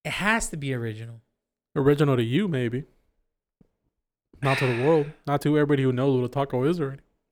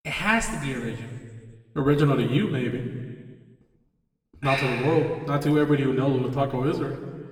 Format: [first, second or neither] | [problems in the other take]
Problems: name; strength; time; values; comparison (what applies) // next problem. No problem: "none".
first | room echo; noticeable; dies away in 1.4 s // off-mic speech; somewhat distant